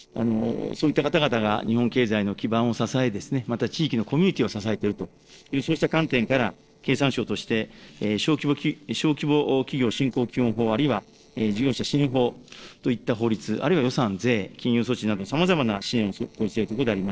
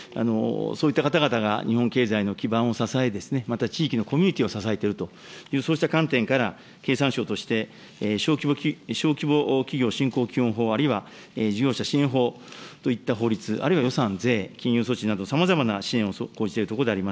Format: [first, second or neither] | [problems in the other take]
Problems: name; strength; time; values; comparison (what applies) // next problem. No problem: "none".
second | noise reduction (neural separator model SepFormer DNS4)